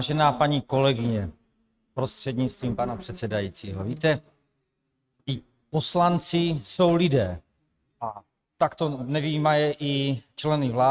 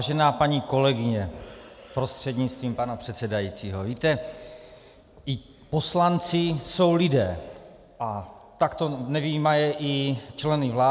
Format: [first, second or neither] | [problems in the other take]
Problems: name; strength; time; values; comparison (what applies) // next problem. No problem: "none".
second | noise reduction (neural mask model RNNoise)